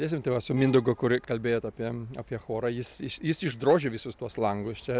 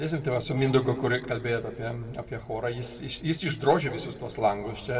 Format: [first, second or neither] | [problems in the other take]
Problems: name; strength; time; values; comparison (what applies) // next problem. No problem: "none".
first | room echo; dies away in 1.3 s